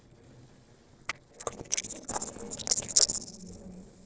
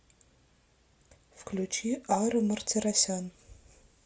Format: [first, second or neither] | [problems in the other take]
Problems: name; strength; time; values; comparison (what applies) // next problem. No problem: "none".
second | noise reduction (neural separator model SepFormer DNS4)